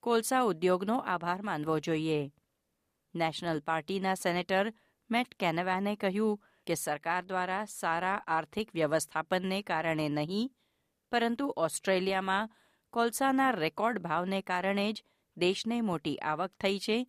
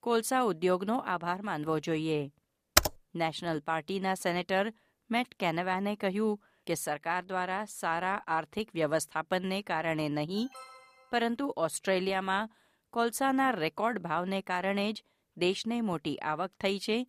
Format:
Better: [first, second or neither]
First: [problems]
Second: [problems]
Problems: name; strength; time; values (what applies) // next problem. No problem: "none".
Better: first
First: none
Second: keyboard typing; loud; at 3 s; peak 6 dB above the speech // alarm; faint; at 10 s; peak 15 dB below the speech